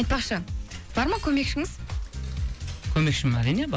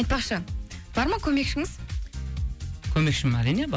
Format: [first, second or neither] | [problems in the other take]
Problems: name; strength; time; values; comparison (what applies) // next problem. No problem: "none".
second | background sound (Cutlery, silverware / Dishes, pots, and pans); 20 dB below the speech